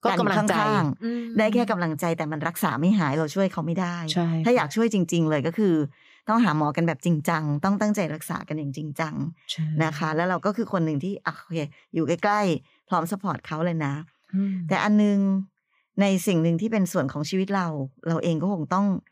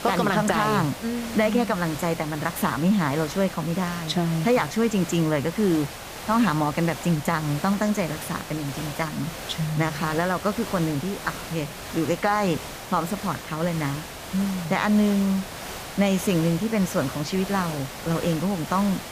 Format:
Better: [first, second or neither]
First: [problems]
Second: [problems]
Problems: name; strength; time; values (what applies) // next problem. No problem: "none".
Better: first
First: none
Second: hiss; noticeable; throughout; 10 dB below the speech